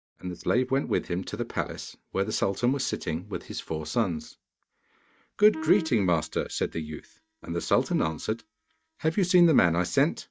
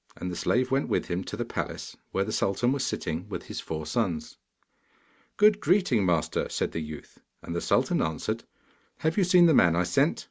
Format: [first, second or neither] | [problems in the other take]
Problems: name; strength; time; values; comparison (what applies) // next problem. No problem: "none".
second | noise reduction (neural mask model DeepFilterNet 3)